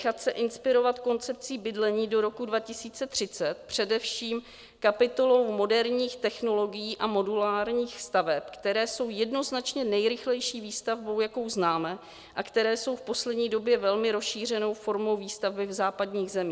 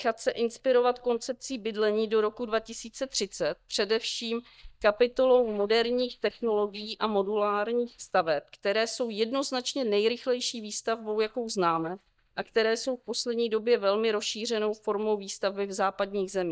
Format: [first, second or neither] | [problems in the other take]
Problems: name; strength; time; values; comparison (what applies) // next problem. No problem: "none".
first | noise reduction (neural mask model DeepFilterNet 3)